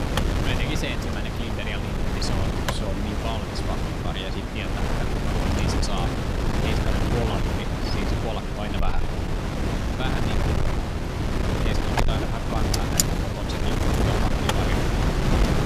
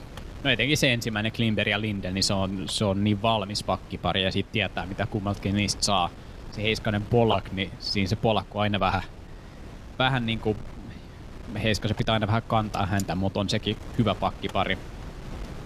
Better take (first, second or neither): second